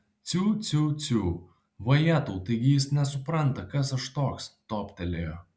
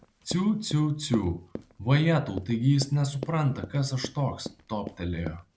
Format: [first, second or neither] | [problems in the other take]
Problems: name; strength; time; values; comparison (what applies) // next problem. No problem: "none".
first | background sound (Run); 15 dB below the speech